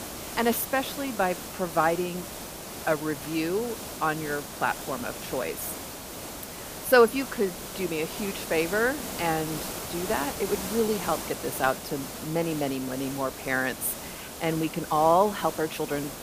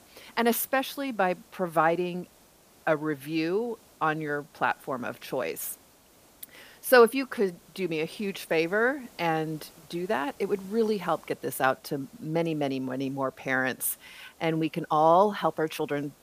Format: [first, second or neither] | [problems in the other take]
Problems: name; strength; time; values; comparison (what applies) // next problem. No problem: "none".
second | hiss; loud; throughout; 8 dB below the speech; faint in the second